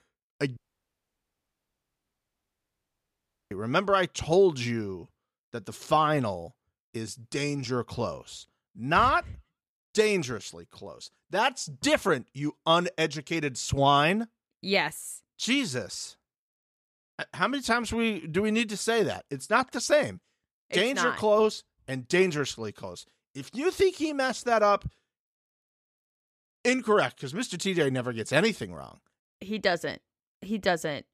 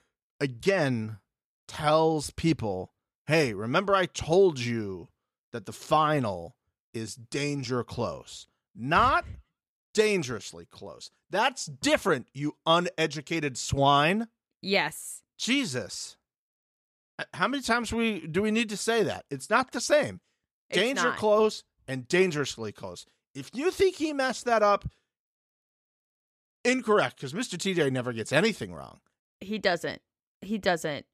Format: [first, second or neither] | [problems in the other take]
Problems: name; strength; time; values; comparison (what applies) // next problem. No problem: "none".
second | audio cutting out; at 0.5 s for 3 s